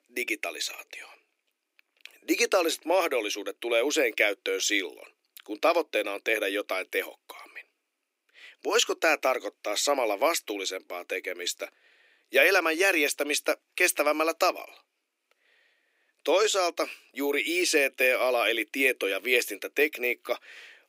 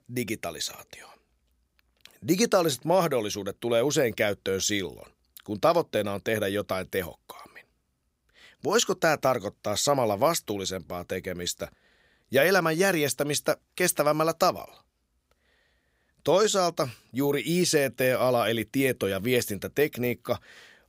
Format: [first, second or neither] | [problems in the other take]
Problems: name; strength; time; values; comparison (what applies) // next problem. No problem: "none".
second | thin; somewhat; fading below 300 Hz